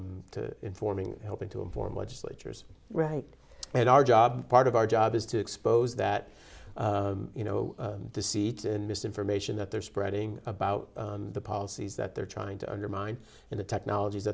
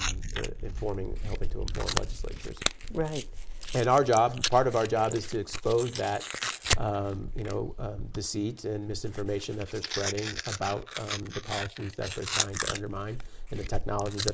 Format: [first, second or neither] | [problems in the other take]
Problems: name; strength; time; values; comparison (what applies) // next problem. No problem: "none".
first | noise reduction (neural mask model Resemble Enhance denoiser)